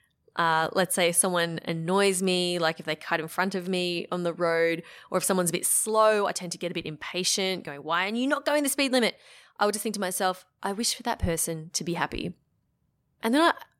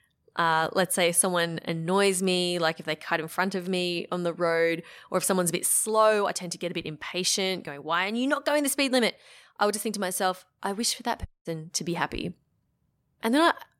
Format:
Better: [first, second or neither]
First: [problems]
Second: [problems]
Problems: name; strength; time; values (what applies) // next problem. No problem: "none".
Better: first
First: none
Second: audio cutting out; at 11 s